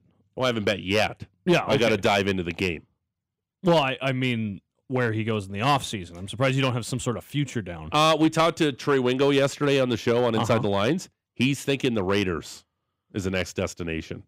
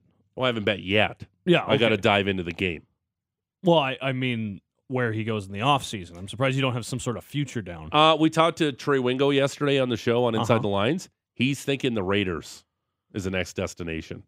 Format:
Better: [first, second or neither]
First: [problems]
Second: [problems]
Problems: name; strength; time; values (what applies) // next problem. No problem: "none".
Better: second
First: distortion; slight; 2% of the sound clipped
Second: none